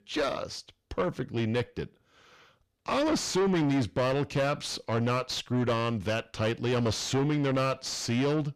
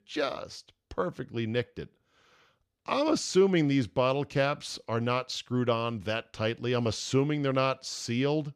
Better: second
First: distortion; heavy; 7 dB below the speech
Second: none

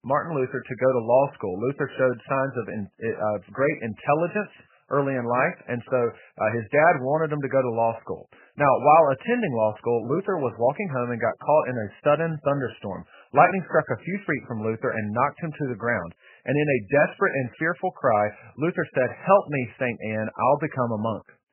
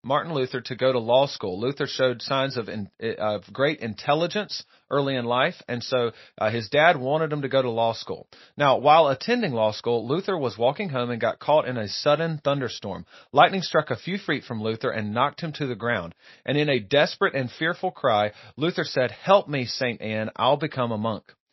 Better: second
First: garbled, watery; badly; nothing above 2.5 kHz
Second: garbled, watery; slightly; nothing above 5.5 kHz

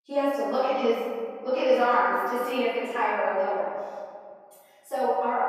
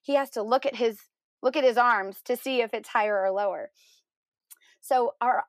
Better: second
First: off-mic speech; far // room echo; strong; dies away in 2.1 s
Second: none

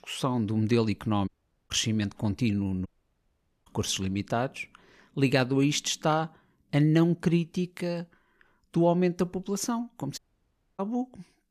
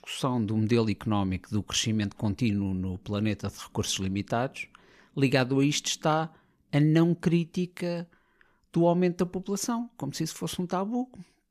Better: second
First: audio cutting out; at 1.5 s, at 3 s for 1 s and at 10 s for 0.5 s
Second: none

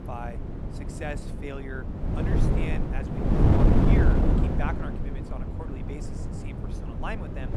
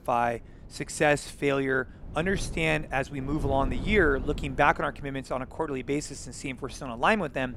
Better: second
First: wind noise on the microphone; heavy; 4 dB above the speech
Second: wind noise on the microphone; occasional gusts; 20 dB below the speech

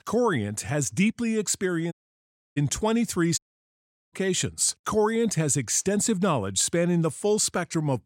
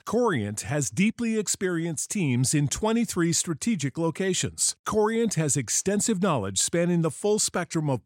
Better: second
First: audio cutting out; at 2 s for 0.5 s and at 3.5 s for 0.5 s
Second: none

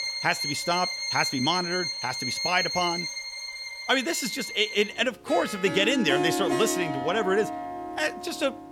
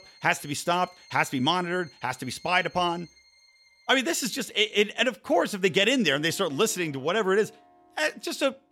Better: second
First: background music; loud; throughout; 3 dB below the speech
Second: background music; faint; throughout; 25 dB below the speech

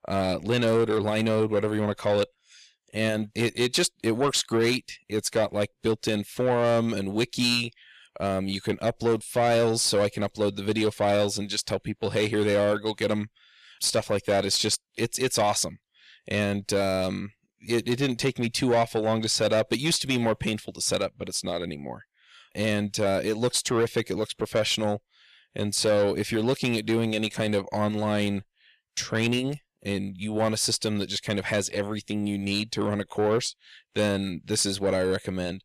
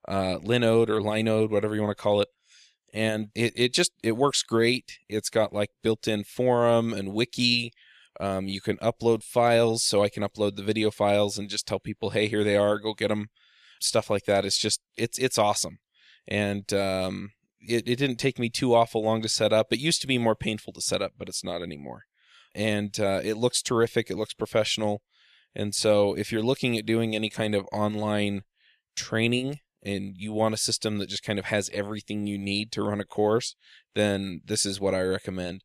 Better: second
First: distortion; slight; 10 dB below the speech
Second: none

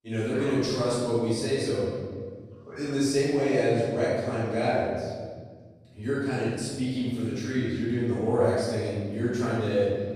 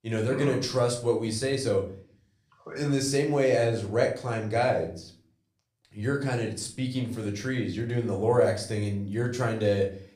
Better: second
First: room echo; strong; dies away in 1.7 s // off-mic speech; far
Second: room echo; slight; dies away in 0.4 s // off-mic speech; somewhat distant

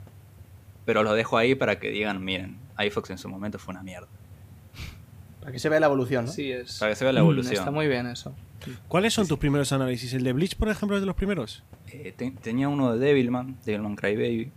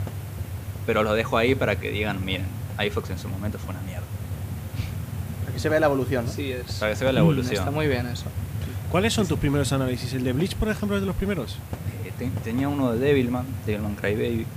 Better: first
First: hiss; faint; throughout; 25 dB below the speech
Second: hiss; loud; throughout; 7 dB below the speech

